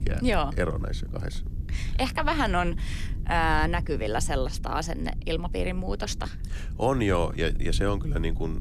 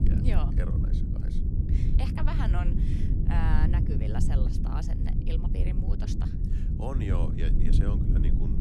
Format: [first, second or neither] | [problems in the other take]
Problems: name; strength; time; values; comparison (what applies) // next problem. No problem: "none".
first | low rumble; loud; throughout; 1 dB below the speech; faint in the first